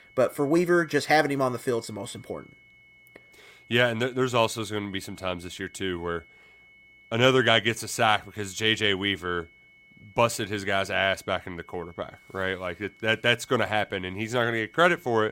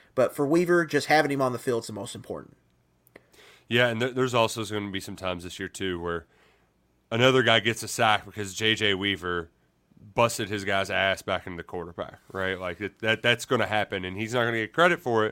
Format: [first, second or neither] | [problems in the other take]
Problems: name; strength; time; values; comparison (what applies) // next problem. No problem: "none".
second | high-pitched whine; faint; throughout; 2 kHz, 30 dB below the speech